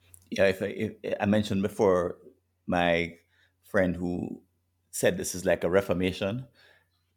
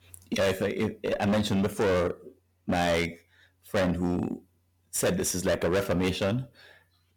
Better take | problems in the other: first | distortion; heavy; 15% of the sound clipped

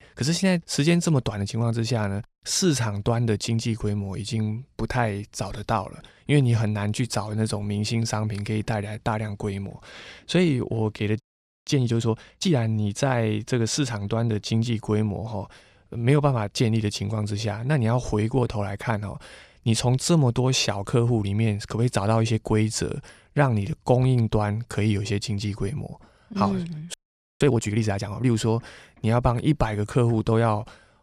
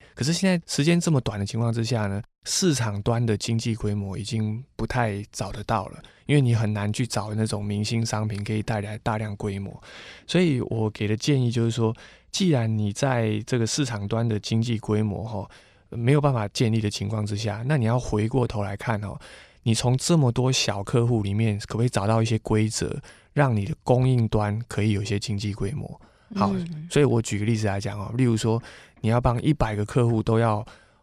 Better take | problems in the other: second | audio freezing; at 11 s and at 27 s

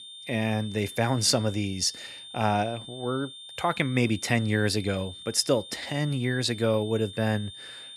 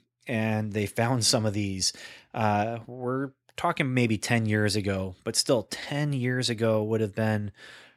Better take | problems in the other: second | high-pitched whine; noticeable; throughout; 3.5 kHz, 15 dB below the speech

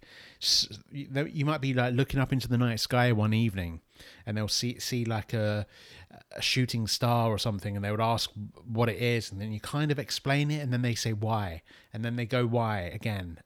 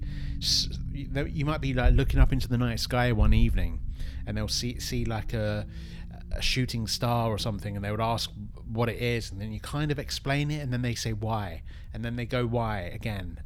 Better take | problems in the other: first | low rumble; faint; throughout; 20 dB below the speech

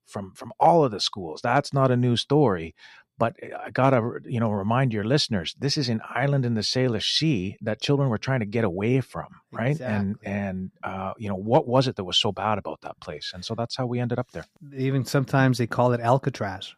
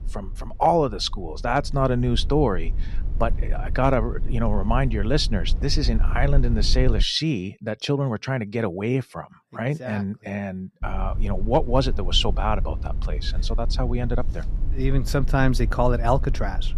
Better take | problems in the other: first | low rumble; faint; until 7 s and from 11 s on; 20 dB below the speech

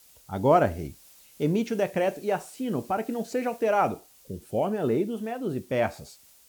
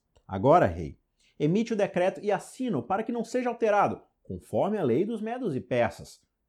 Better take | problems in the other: second | hiss; faint; throughout; 25 dB below the speech

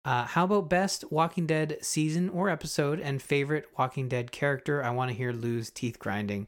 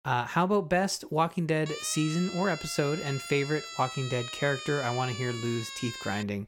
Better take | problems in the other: first | siren; noticeable; from 1.5 s on; peak 8 dB below the speech

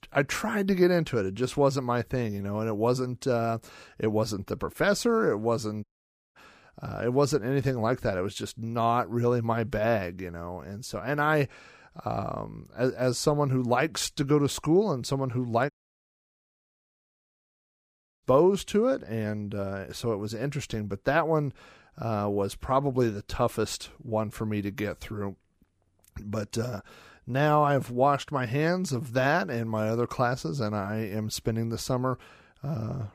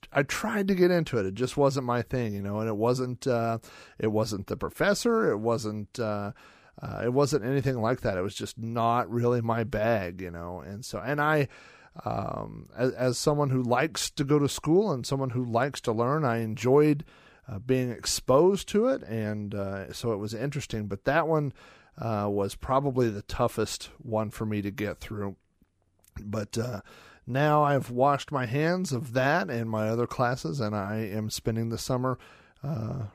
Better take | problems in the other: second | audio cutting out; at 6 s for 0.5 s and at 16 s for 2.5 s

